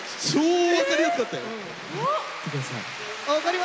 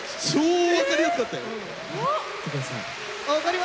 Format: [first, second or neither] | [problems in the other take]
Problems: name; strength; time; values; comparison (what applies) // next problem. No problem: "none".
first | background sound (Alarm); 15 dB below the speech